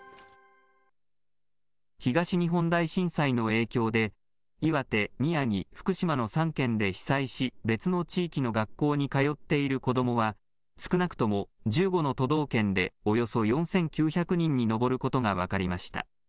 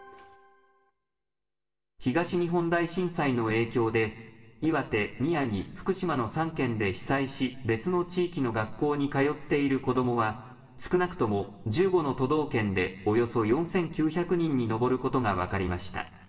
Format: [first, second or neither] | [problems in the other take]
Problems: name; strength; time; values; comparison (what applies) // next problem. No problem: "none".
first | room echo; dies away in 1.6 s